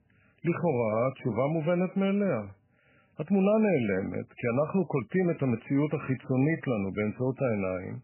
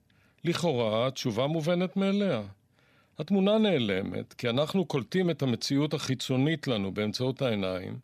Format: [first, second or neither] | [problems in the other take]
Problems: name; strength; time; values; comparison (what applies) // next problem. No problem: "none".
second | garbled, watery; badly; nothing above 2.5 kHz